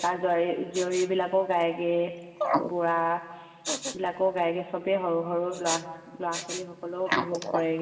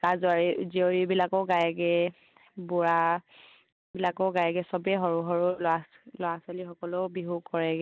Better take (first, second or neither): second